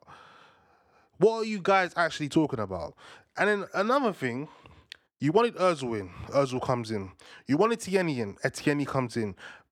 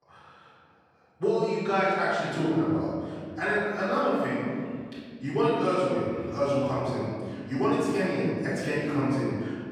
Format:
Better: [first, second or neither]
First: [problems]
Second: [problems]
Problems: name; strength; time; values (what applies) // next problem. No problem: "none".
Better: first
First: none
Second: off-mic speech; far // room echo; strong; dies away in 2.3 s